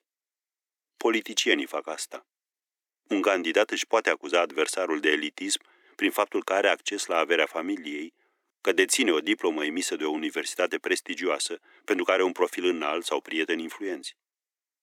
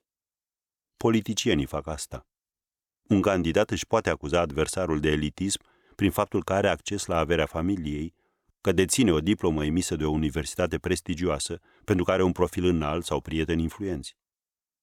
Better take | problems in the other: second | thin; somewhat; fading below 300 Hz

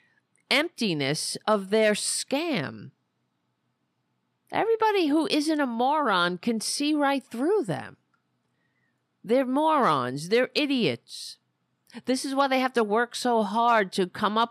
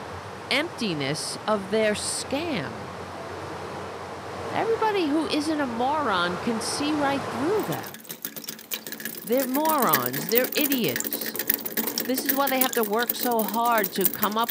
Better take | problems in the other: first | rain or running water; loud; throughout; 3 dB below the speech

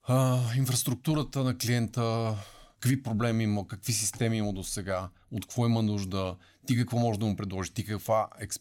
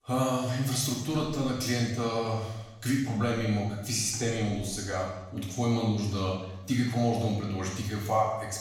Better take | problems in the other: first | room echo; noticeable; dies away in 0.9 s // off-mic speech; far

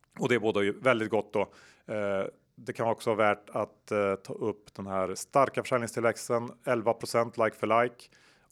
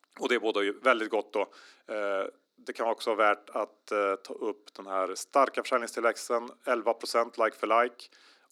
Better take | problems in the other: first | thin; very slightly; fading below 250 Hz

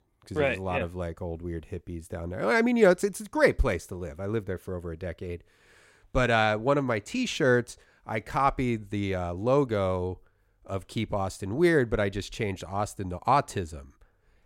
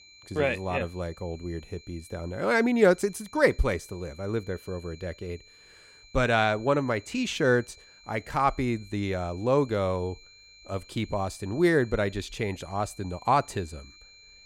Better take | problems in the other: first | high-pitched whine; faint; throughout; 4 kHz, 25 dB below the speech

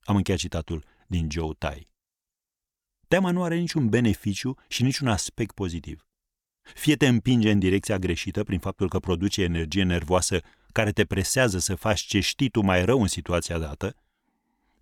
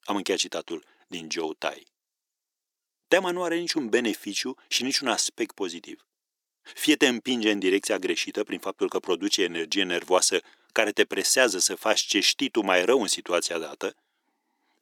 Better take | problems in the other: first | thin; somewhat; fading below 300 Hz

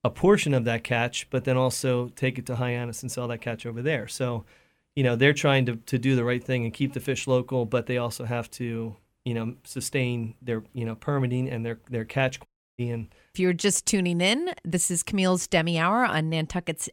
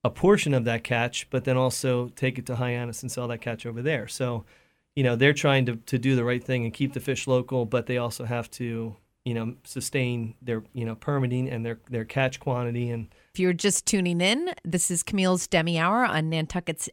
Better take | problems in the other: second | audio cutting out; at 12 s

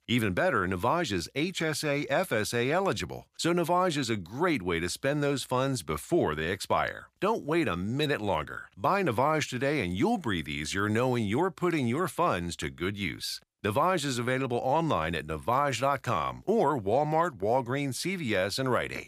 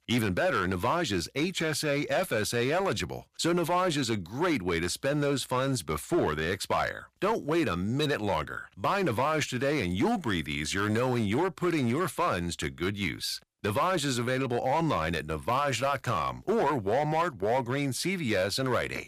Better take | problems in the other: first | distortion; slight; 7% of the sound clipped

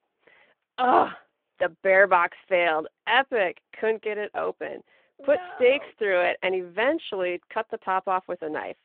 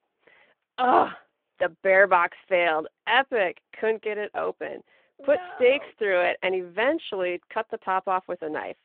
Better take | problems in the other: neither | phone-call audio; the same in both

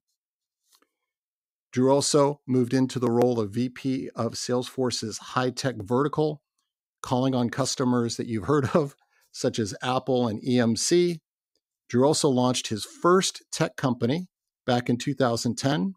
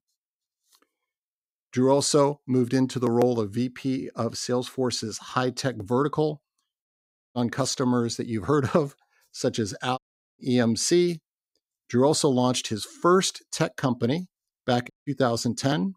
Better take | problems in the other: first | audio cutting out; at 7 s, at 10 s and at 15 s

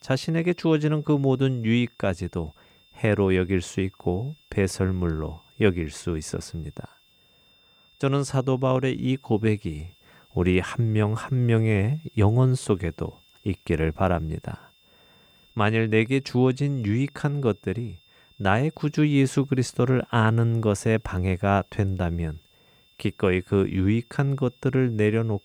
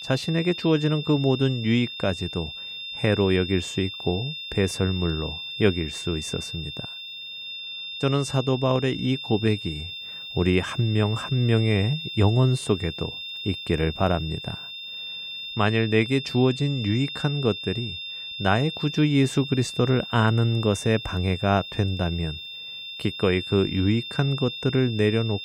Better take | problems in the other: first | high-pitched whine; loud; throughout; 3.5 kHz, 9 dB below the speech; faint in the first

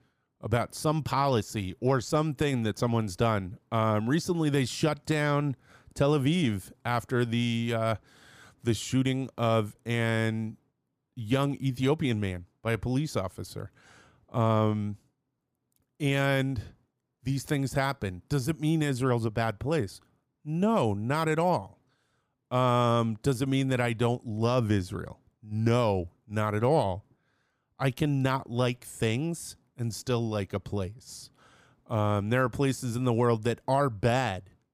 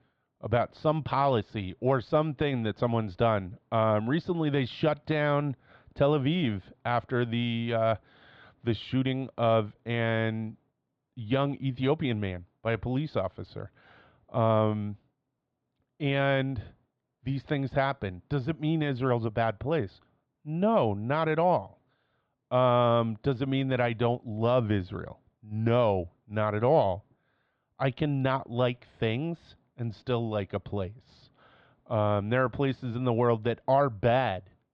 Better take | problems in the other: first | muffled; very; fading above 4 kHz

